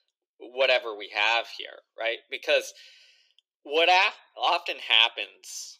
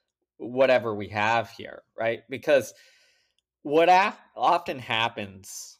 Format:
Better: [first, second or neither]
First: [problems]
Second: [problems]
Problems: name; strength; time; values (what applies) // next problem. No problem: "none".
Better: second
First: thin; very; fading below 350 Hz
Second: none